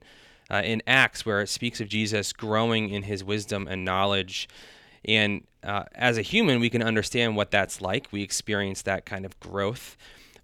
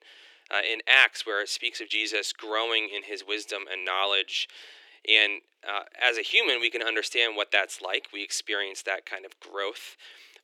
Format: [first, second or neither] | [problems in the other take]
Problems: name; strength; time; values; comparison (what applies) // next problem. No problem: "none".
first | thin; very; fading below 300 Hz